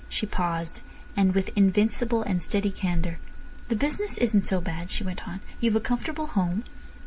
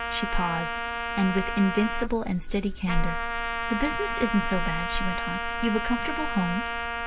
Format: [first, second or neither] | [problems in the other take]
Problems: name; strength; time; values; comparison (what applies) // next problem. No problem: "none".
first | background sound (Trumpet); 4 dB below the speech